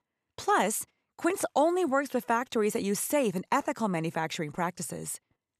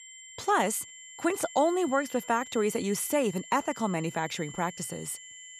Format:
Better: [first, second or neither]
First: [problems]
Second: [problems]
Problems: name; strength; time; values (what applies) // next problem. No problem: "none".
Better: first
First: none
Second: high-pitched whine; noticeable; throughout; 7.5 kHz, 15 dB below the speech